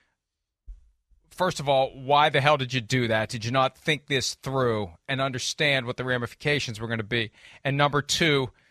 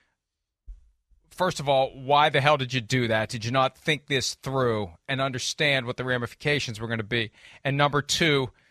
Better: neither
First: none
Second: none

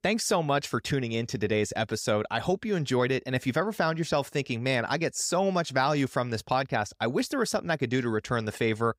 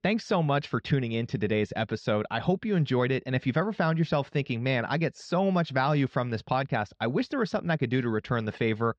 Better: first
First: none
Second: muffled; slightly; fading above 4 kHz

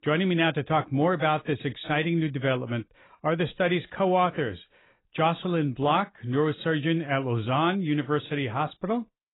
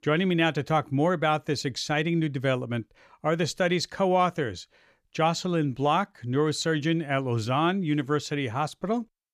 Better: second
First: garbled, watery; badly; nothing above 4 kHz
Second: none

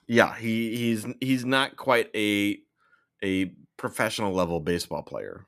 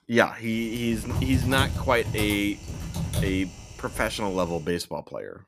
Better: first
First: none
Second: keyboard typing; loud; from 1 to 4 s; peak level with the speech

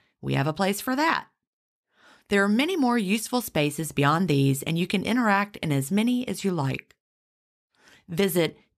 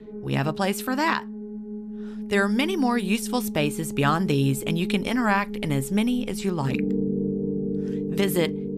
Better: first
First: none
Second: background music; loud; throughout; 6 dB below the speech

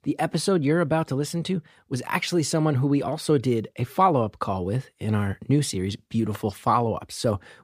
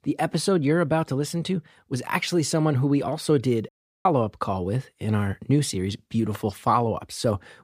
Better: first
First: none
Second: audio cutting out; at 3.5 s

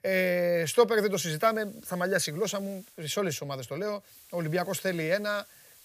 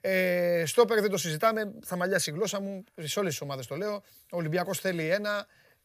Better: second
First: hiss; faint; from 1 to 3 s and from 4 s on; 25 dB below the speech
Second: none

